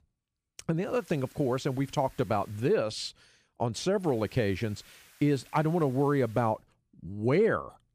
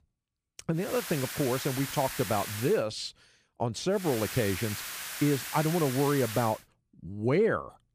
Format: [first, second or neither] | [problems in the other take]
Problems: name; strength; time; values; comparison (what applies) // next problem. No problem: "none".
first | hiss; loud; from 1 to 2.5 s and from 4 to 6.5 s; 7 dB below the speech; faint in the first